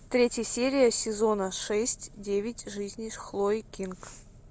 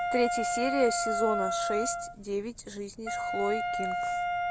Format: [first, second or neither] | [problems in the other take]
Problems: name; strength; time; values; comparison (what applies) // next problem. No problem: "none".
first | background sound (Wind instrument, woodwind instrument); 1 dB above the speech